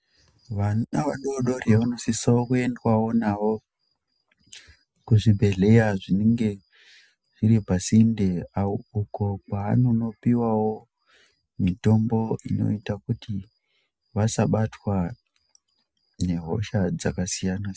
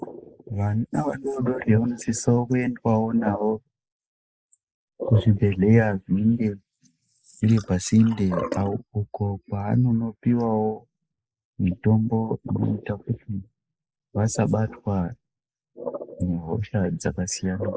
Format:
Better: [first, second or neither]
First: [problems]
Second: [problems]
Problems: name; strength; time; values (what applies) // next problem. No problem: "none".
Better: first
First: none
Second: noise reduction (neural mask model Resemble Enhance denoiser)